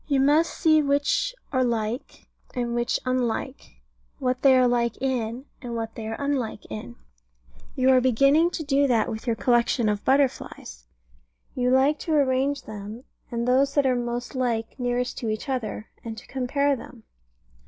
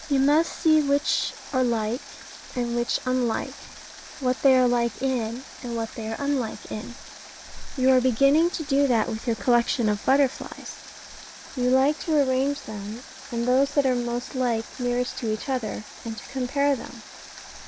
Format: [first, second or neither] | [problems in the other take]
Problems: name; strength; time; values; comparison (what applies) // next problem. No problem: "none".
first | background sound (Water); 17 dB below the speech